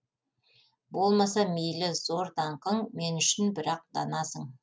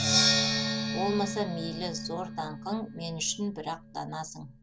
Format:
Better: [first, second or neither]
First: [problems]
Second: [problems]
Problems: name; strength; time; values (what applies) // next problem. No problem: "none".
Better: first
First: none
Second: background sound (Percussion); 3 dB above the speech